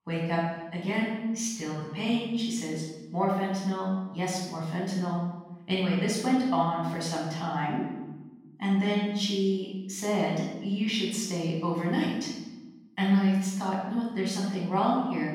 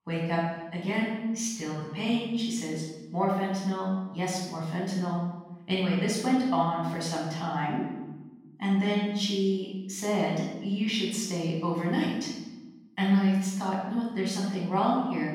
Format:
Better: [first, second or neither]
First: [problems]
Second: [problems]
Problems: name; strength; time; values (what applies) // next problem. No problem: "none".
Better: neither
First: off-mic speech; far // room echo; noticeable; dies away in 1 s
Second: off-mic speech; far // room echo; noticeable; dies away in 1 s